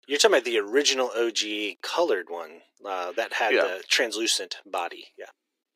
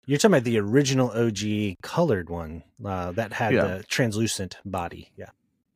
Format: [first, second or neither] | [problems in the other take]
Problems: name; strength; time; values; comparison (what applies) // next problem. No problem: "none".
second | thin; very; fading below 350 Hz